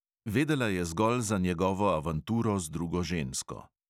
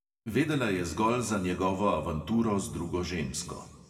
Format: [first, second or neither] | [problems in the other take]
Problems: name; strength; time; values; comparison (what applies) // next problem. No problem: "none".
first | room echo; dies away in 1.3 s